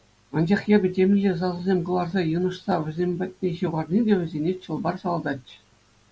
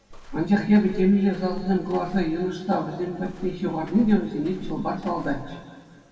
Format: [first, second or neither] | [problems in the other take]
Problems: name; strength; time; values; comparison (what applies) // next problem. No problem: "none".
first | background sound (Walk, footsteps); 14 dB below the speech // room echo; dies away in 1.9 s